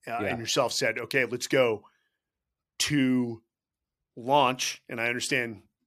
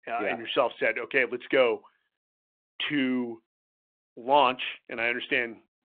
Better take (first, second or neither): first